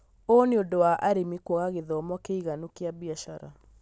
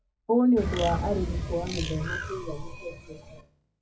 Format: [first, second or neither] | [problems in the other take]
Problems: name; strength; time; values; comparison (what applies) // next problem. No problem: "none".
first | noise reduction (classical method WPE with log-MMSE)